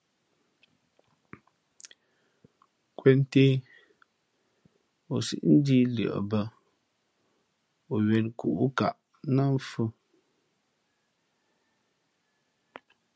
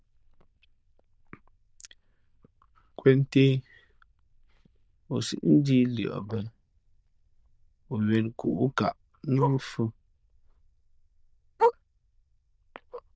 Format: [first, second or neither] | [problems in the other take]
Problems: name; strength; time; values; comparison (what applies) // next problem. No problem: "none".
first | noise reduction (neural diffusion model UNIVERSE++)